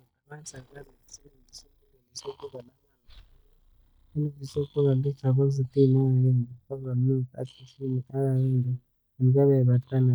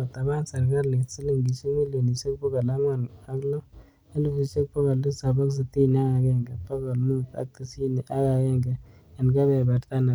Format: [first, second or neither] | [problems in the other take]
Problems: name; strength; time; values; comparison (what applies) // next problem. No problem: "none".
second | noise reduction (neural mask model DeepFilterNet 3)